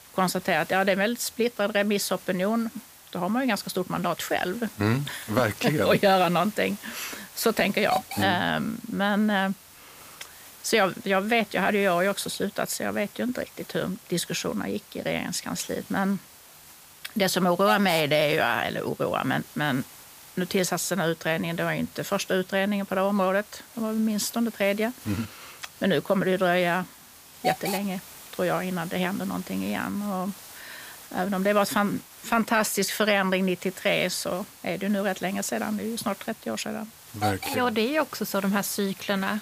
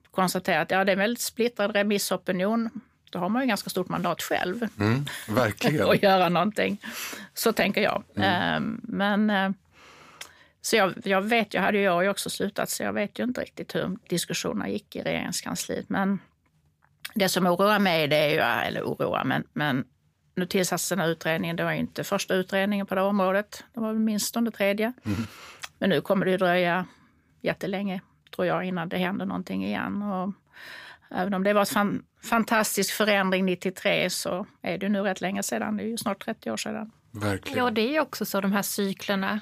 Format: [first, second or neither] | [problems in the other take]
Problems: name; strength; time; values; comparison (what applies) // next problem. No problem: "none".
second | hiss; noticeable; throughout; 15 dB below the speech